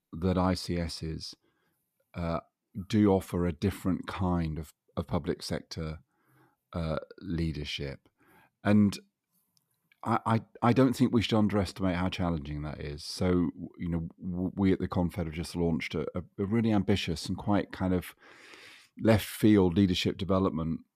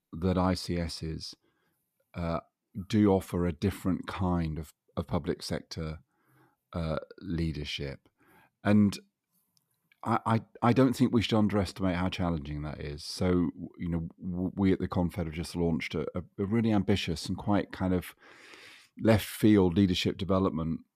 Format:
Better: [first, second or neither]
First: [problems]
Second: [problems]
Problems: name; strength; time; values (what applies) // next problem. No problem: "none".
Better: neither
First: none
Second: none